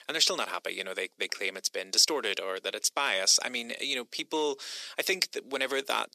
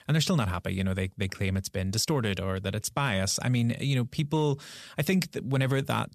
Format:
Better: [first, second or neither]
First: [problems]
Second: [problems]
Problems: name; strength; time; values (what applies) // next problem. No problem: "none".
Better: second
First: thin; very; fading below 350 Hz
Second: none